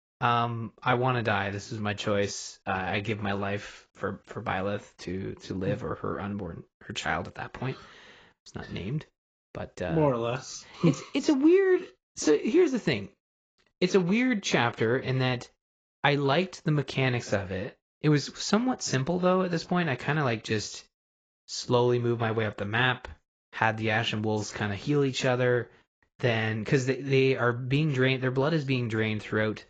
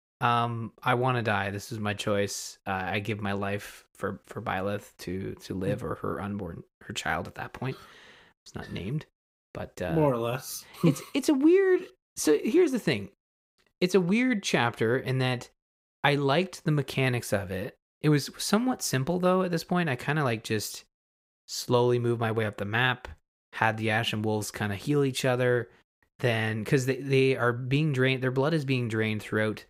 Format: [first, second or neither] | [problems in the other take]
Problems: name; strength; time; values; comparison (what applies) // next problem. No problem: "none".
second | garbled, watery; badly; nothing above 7.5 kHz